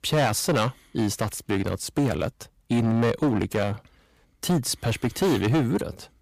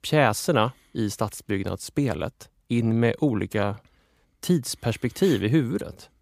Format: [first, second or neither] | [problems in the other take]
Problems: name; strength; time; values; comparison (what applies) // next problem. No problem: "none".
second | distortion; heavy; 11% of the sound clipped